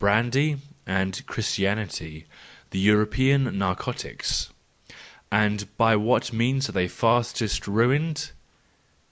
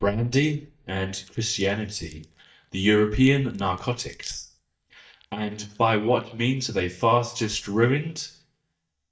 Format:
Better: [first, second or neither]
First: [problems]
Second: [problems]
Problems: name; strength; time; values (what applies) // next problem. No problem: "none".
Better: first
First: none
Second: noise reduction (neural mask model DeepFilterNet 3)